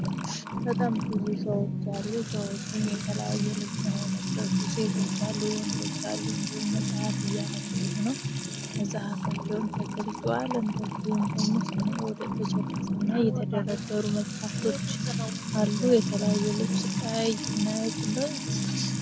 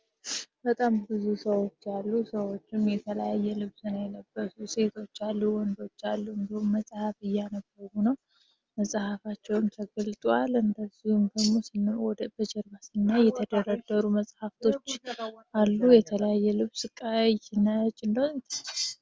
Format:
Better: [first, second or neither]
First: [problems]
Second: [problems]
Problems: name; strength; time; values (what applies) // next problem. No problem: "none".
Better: second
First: background sound (Trickle, dribble / Water tap, faucet / Music); 1 dB above the speech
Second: none